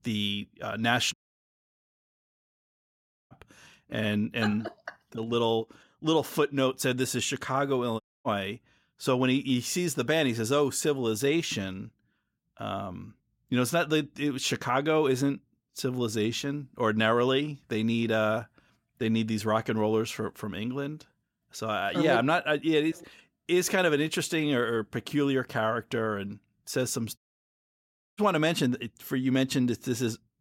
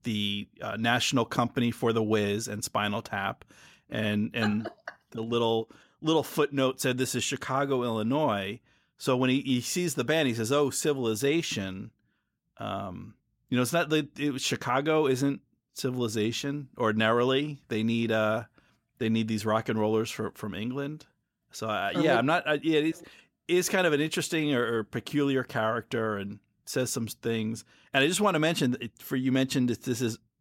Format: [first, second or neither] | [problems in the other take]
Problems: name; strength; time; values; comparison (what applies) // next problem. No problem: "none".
second | audio cutting out; at 1 s for 2 s, at 8 s and at 27 s for 1 s